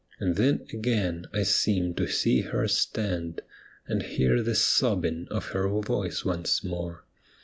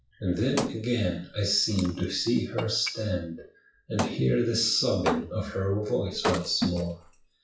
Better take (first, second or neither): first